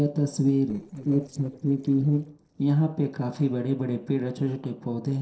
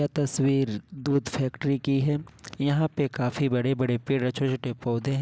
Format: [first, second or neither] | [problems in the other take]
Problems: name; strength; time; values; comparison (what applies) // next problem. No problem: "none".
second | noise reduction (neural separator model SepFormer DNS4)